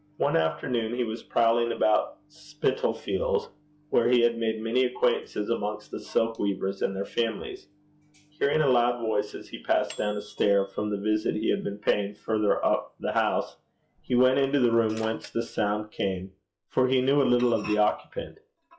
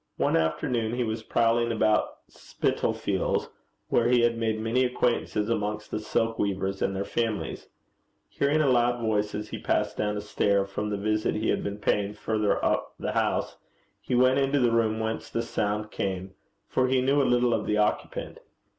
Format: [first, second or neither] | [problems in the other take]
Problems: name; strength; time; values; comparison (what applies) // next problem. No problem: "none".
second | noise reduction (classical method log-MMSE)